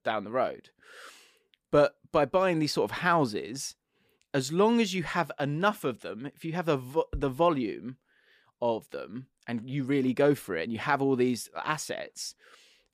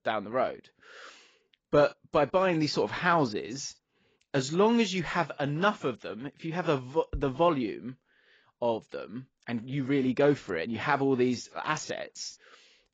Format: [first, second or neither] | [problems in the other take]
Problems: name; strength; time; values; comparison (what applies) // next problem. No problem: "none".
first | garbled, watery; badly; nothing above 7.5 kHz